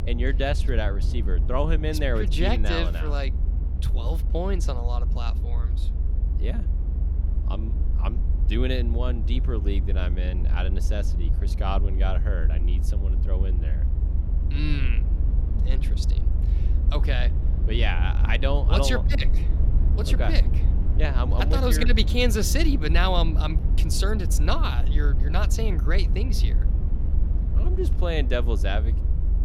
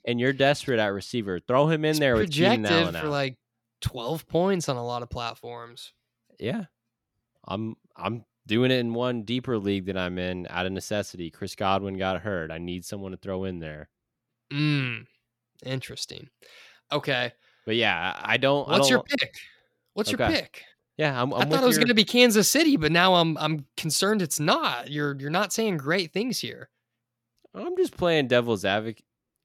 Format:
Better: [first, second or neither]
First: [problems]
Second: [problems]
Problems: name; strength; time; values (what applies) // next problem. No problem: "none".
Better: second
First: low rumble; noticeable; throughout; 10 dB below the speech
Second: none